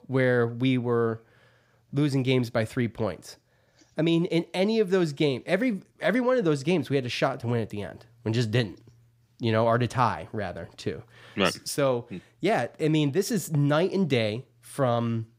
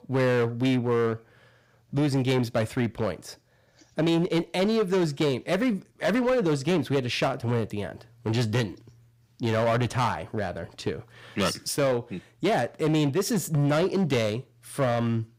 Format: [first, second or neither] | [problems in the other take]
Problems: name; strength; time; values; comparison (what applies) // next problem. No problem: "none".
first | distortion; slight; 11% of the sound clipped